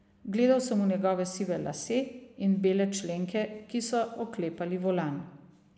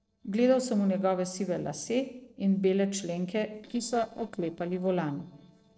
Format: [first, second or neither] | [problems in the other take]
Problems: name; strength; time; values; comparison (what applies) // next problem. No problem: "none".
first | noise reduction (neural separator model SepFormer DNS4)